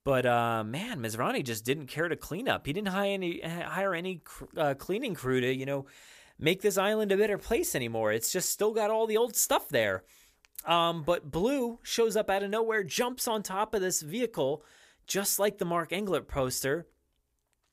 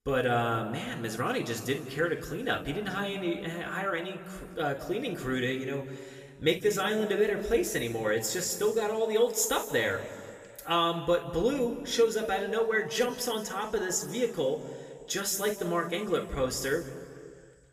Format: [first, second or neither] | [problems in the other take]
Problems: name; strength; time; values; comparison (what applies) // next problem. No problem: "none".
first | room echo; slight; dies away in 1.6 s // off-mic speech; somewhat distant